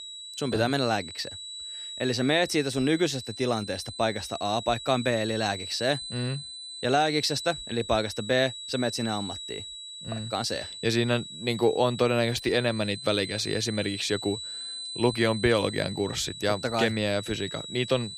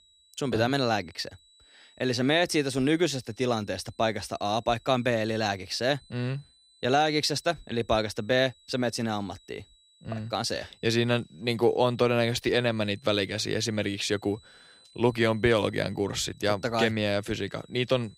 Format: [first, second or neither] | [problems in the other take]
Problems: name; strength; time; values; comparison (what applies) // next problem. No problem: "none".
second | high-pitched whine; loud; throughout; 4 kHz, 10 dB below the speech; faint in the second